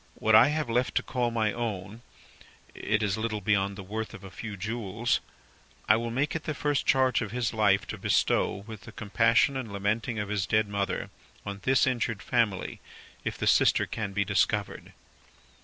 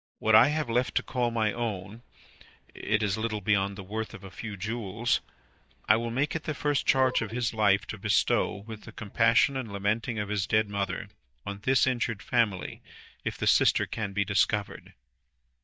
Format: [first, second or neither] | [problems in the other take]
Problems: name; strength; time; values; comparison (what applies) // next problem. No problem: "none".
first | noise reduction (neural mask model DeepFilterNet 3)